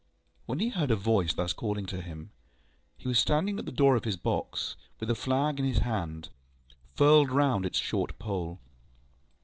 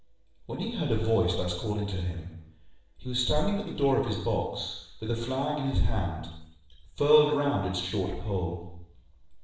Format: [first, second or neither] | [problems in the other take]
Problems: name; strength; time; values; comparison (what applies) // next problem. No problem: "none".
first | room echo; dies away in 0.8 s